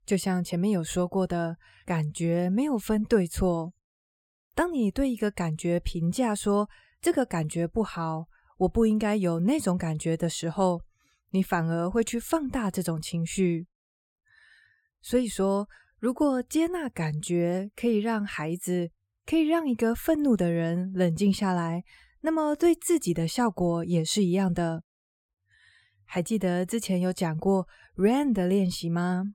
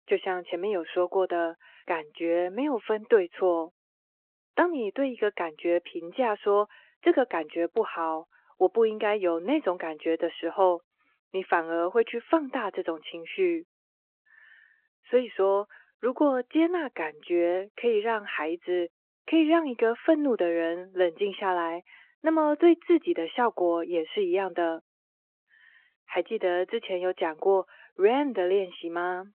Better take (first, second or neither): first